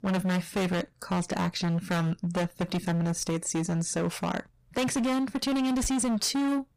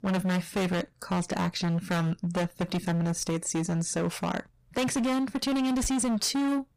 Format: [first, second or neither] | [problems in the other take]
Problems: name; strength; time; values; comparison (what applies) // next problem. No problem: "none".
neither | distortion; heavy; 28% of the sound clipped; the same in both